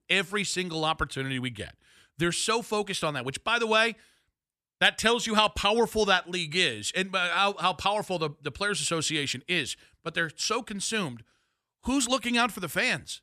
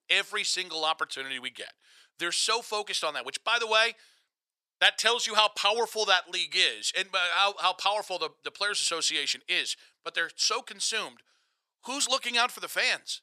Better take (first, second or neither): first